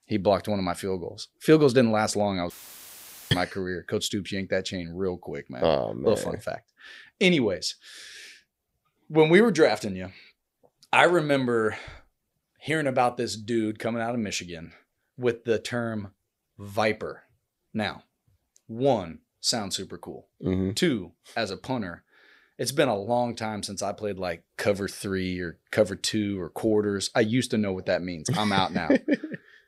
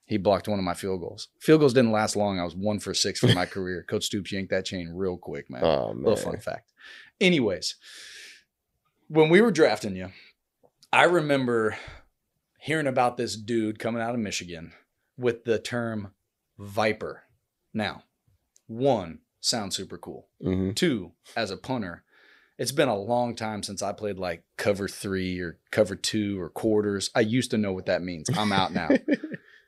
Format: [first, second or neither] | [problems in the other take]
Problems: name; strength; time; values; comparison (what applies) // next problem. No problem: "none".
second | audio cutting out; filled with static; at 2.5 s for 1 s